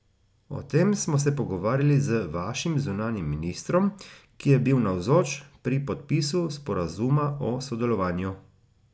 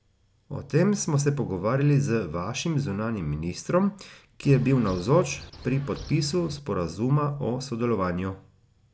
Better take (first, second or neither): first